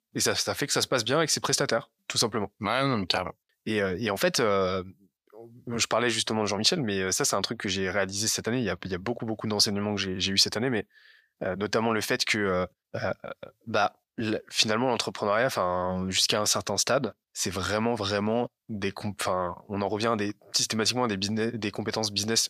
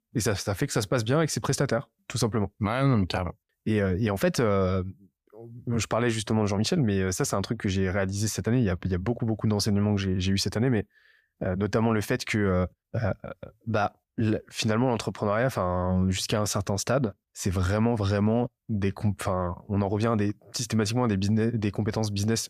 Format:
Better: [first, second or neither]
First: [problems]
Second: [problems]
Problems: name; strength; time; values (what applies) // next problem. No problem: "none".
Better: second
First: thin; somewhat; fading below 500 Hz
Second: none